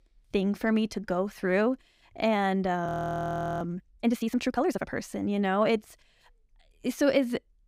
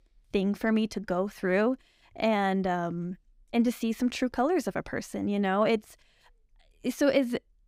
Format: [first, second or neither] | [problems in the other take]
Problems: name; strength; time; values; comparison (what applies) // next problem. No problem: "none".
second | audio freezing; at 3 s for 0.5 s